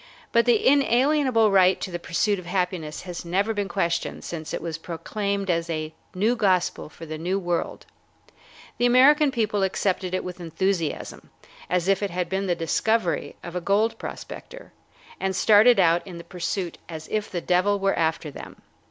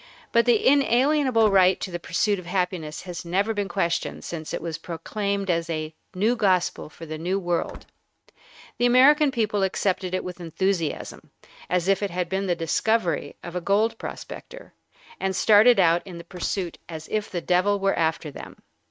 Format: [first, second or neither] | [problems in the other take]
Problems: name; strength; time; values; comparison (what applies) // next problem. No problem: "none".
first | noise reduction (neural mask model RNNoise)